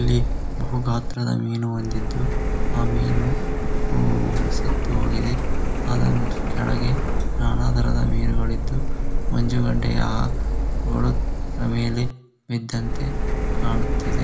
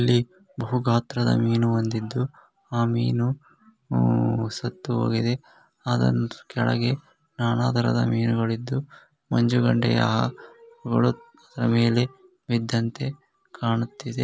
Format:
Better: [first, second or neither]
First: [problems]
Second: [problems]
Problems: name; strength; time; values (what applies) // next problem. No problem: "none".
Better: second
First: background sound (Printer); 4 dB above the speech // room echo; dies away in 0.4 s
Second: none